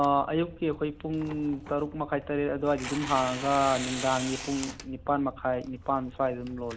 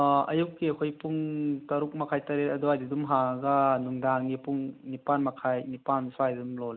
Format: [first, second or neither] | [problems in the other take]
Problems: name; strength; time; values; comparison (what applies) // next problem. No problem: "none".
second | background sound (Tearing); 12 dB below the speech